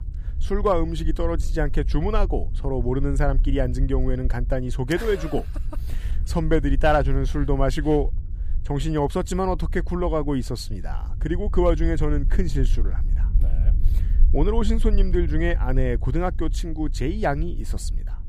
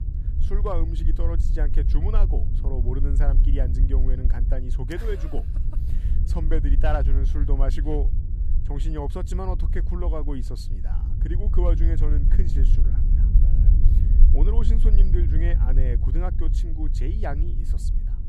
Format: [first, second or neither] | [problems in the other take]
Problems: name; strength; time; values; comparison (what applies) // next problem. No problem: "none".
first | low rumble; loud; throughout; 8 dB below the speech; faint in the first